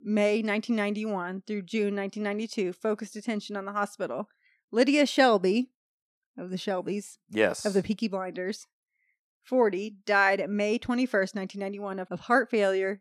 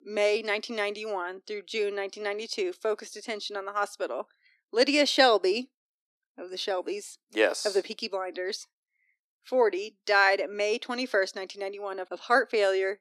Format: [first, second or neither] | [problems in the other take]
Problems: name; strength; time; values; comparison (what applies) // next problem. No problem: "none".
first | thin; somewhat; fading below 300 Hz